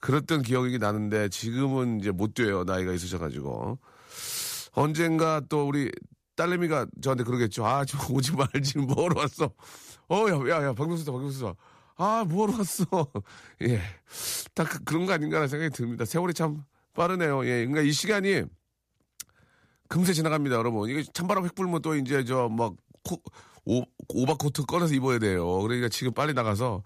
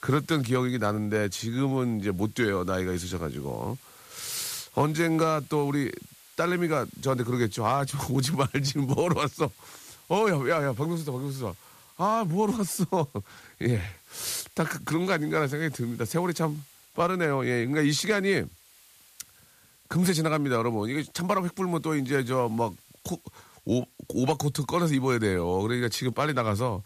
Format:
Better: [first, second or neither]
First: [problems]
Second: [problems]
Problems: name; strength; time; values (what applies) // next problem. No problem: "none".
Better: first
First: none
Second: hiss; faint; throughout; 25 dB below the speech